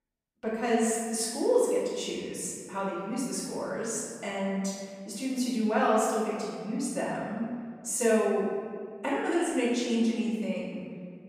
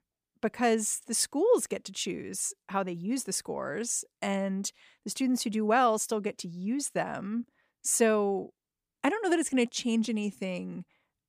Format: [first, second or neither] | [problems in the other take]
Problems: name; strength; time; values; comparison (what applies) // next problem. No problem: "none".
second | off-mic speech; far // room echo; strong; dies away in 1.8 s